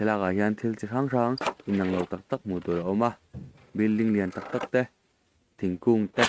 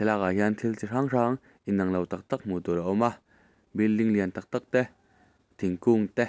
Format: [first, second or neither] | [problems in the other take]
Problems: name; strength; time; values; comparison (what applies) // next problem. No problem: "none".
second | noise reduction (neural mask model RNNoise)